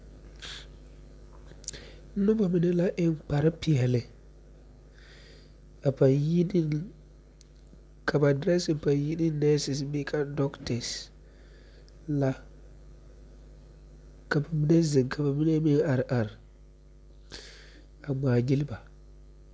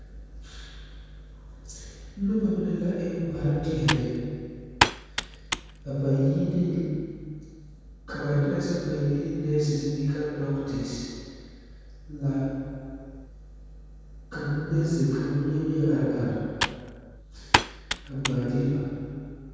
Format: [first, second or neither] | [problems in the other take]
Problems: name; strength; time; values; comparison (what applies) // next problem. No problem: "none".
first | background sound (Computer keyboard); 2 dB below the speech // room echo; dies away in 2.1 s